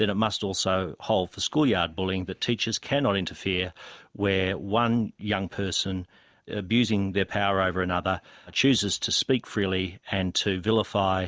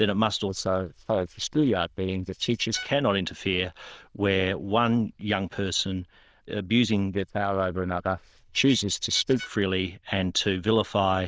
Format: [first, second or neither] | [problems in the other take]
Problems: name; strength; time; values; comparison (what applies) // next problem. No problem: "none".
first | noise reduction (neural diffusion model UNIVERSE++)